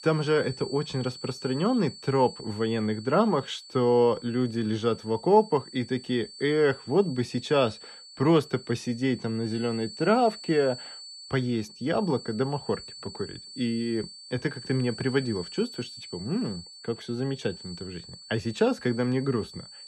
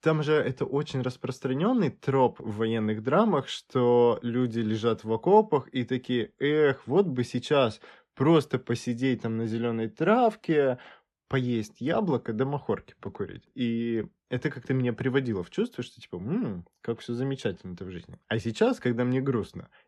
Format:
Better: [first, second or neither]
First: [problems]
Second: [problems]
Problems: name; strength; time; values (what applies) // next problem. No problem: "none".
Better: second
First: high-pitched whine; noticeable; throughout; 4.5 kHz, 15 dB below the speech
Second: none